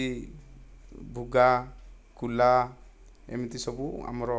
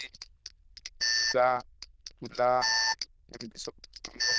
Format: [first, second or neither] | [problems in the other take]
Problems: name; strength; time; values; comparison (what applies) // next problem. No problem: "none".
first | noise reduction (neural diffusion model UNIVERSE++)